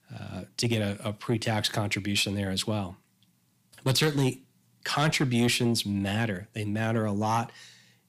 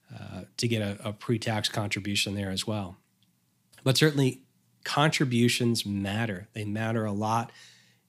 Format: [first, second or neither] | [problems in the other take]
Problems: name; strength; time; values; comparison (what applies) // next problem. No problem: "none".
second | distortion; slight; 10 dB below the speech